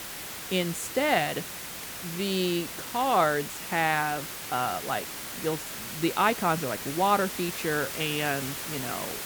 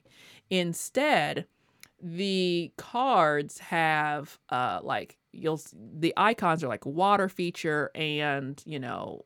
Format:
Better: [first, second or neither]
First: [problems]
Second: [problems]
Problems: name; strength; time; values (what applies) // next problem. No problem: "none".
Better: second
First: hiss; loud; throughout; 6 dB below the speech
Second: none